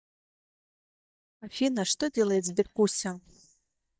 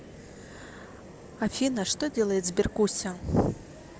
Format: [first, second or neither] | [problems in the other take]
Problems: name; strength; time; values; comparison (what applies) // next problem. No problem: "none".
second | noise reduction (neural mask model DeepFilterNet 3)